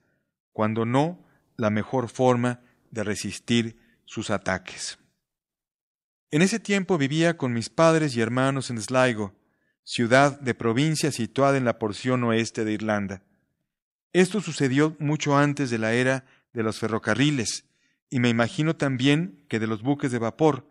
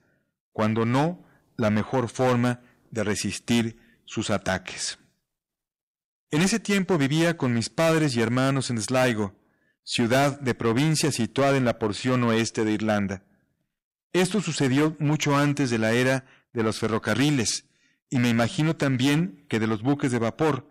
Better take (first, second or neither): first